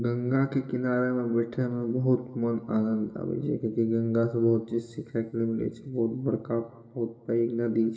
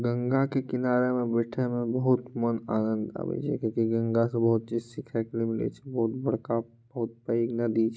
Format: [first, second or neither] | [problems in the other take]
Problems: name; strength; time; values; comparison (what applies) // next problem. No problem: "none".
second | room echo; dies away in 1.4 s